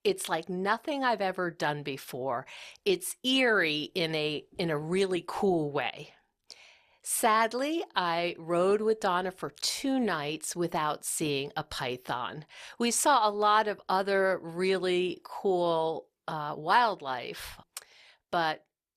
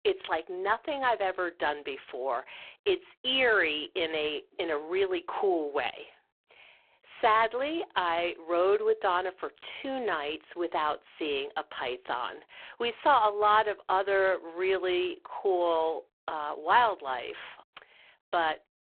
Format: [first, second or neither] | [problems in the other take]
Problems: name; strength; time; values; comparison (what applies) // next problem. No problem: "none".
first | phone-call audio; poor line